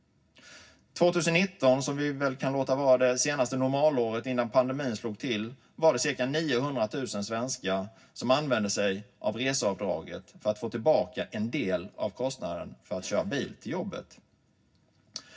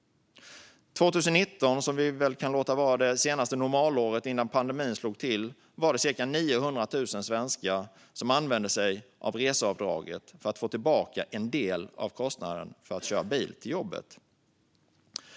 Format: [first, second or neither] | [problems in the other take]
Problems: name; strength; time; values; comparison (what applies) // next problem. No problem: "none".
second | room echo; dies away in 0.4 s